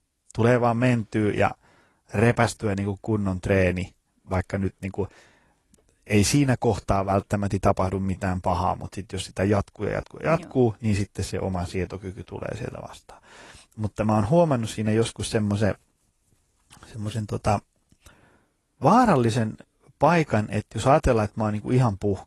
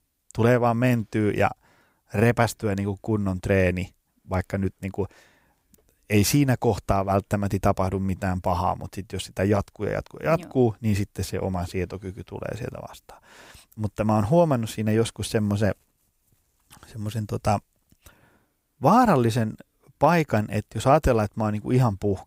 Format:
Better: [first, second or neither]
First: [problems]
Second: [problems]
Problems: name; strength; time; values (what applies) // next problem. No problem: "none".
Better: second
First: garbled, watery; slightly; nothing above 11.5 kHz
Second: none